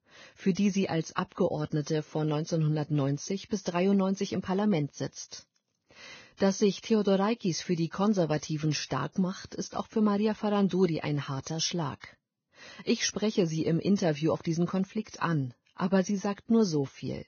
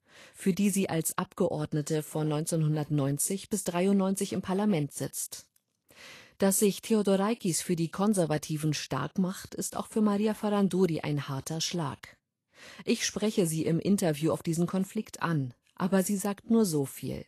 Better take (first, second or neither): second